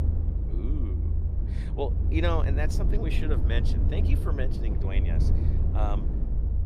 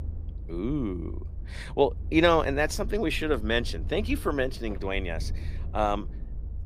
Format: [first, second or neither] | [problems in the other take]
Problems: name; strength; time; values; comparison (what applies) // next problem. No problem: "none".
second | low rumble; loud; throughout; 6 dB below the speech; faint in the second